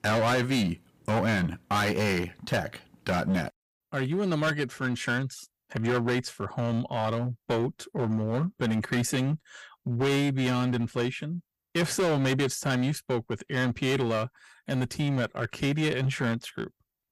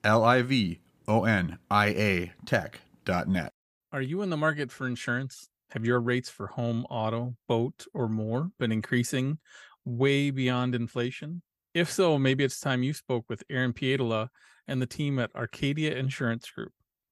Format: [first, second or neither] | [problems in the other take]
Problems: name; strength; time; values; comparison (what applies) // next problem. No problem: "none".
second | distortion; heavy; 13% of the sound clipped